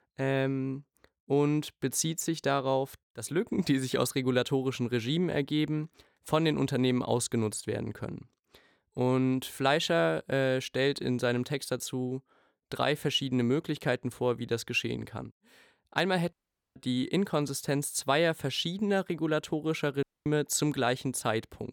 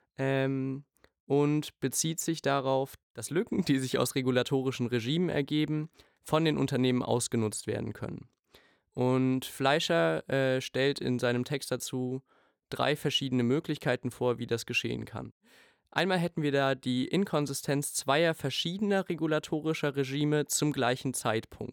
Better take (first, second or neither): second